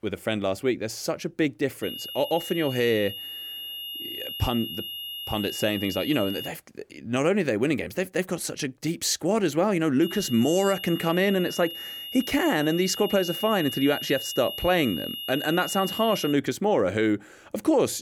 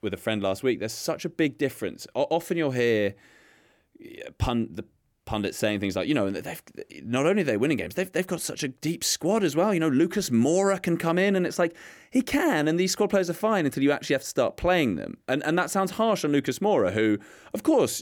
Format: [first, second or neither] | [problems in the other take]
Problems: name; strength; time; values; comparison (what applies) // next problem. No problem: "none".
second | high-pitched whine; loud; from 2 to 6.5 s and from 10 to 16 s; 3 kHz, 8 dB below the speech